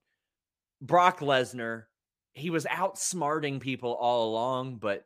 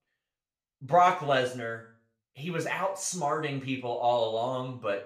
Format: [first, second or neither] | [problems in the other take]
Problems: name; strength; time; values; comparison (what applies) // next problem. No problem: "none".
first | room echo; slight; dies away in 0.4 s // off-mic speech; somewhat distant